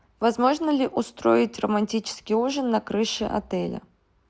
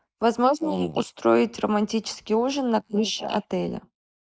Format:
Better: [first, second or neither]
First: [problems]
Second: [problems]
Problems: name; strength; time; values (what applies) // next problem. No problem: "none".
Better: first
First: none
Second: noise reduction (neural mask model Resemble Enhance denoiser)